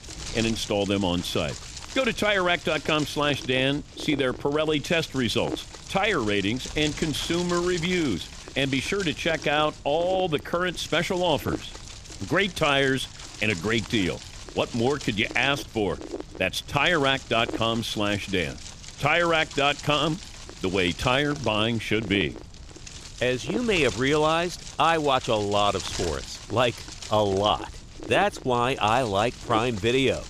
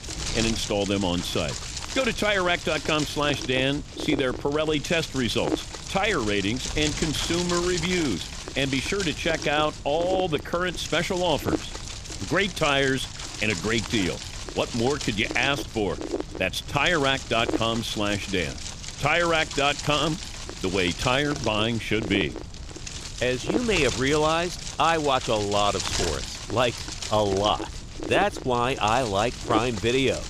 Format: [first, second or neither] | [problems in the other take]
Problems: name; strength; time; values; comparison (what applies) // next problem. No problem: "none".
first | wind noise on the microphone; heavy; 9 dB below the speech; occasional gusts in the first